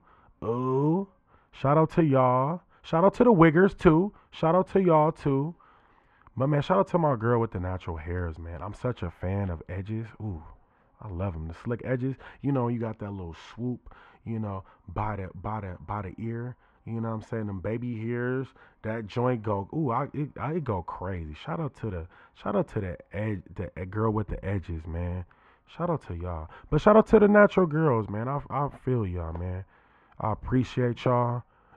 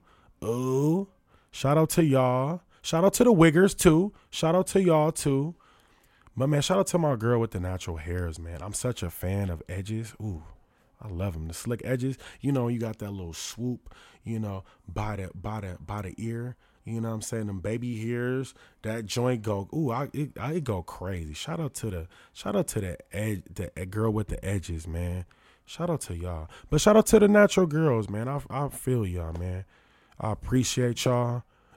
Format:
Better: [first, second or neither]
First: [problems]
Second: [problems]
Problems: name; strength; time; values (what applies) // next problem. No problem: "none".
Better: second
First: muffled; very; fading above 2 kHz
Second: none